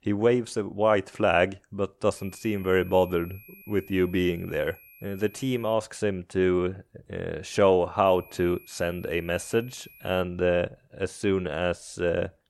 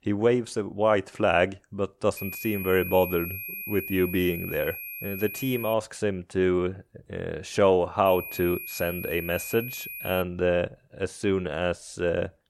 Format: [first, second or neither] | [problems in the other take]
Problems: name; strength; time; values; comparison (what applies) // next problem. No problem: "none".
first | high-pitched whine; loud; from 2 to 5.5 s and from 8 to 10 s; 2.5 kHz, 8 dB below the speech; faint in the first